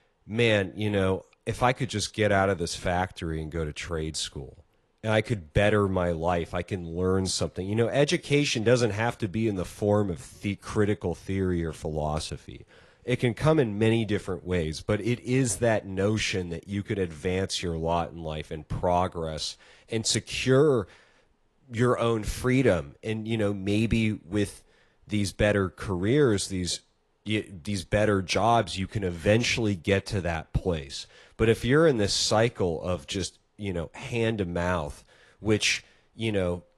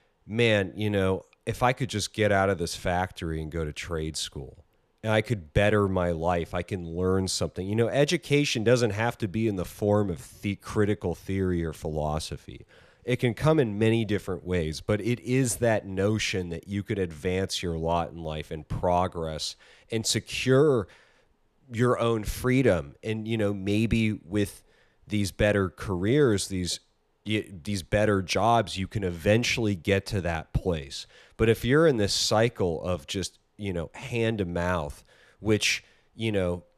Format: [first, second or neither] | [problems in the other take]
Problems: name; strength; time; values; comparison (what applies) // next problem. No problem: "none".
second | garbled, watery; slightly